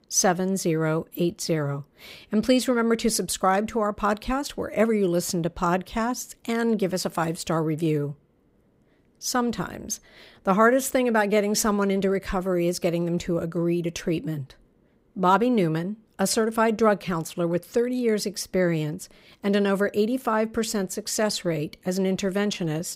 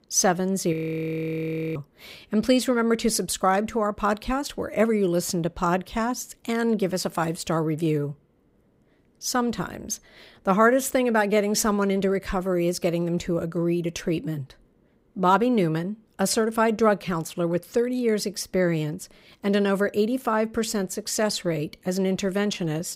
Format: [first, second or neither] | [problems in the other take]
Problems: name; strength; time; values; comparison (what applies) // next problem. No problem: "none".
first | audio freezing; at 0.5 s for 1 s